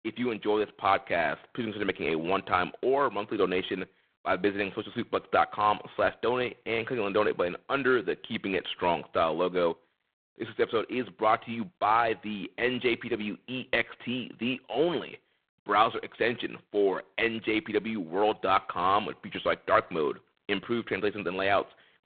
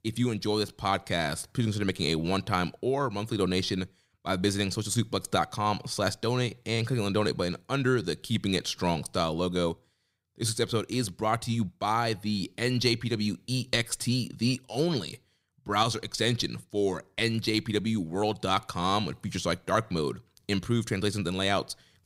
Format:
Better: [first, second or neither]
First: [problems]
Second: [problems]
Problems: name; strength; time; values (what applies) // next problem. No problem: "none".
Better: second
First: phone-call audio; poor line; nothing above 4 kHz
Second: none